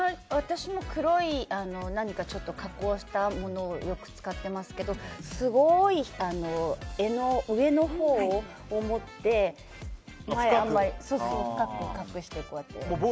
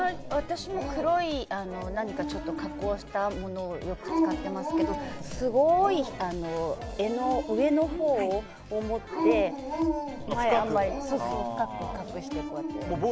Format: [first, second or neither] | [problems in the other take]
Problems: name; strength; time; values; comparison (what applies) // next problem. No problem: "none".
first | background sound (Dog); 5 dB below the speech